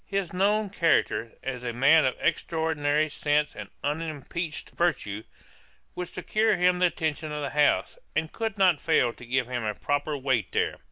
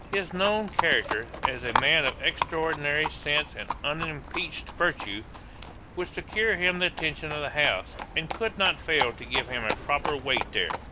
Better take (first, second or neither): first